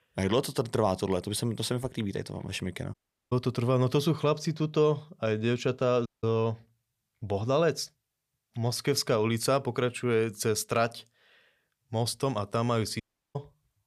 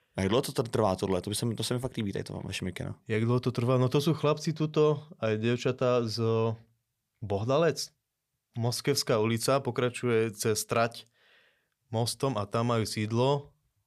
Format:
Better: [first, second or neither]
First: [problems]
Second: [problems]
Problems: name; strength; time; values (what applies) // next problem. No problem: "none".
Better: second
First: audio cutting out; at 3 s, at 6 s and at 13 s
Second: none